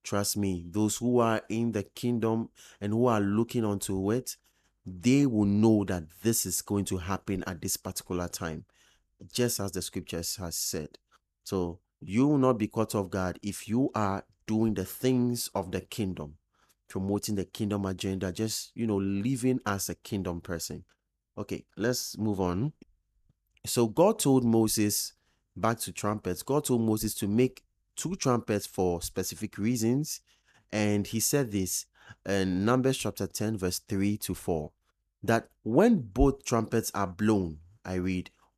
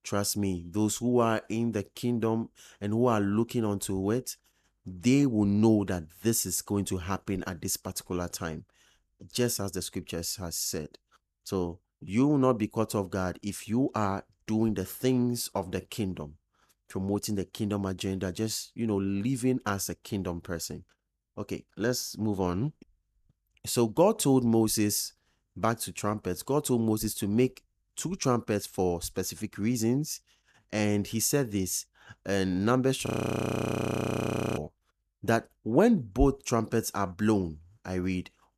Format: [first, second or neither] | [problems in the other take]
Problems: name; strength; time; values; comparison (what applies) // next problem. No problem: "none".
first | audio freezing; at 33 s for 1.5 s